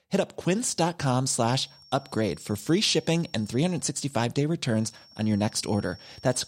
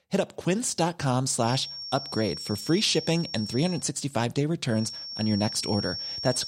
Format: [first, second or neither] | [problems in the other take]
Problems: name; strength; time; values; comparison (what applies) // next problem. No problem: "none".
first | high-pitched whine; loud; from 1.5 to 4 s and from 5 s on; 5.5 kHz, 7 dB below the speech; faint in the first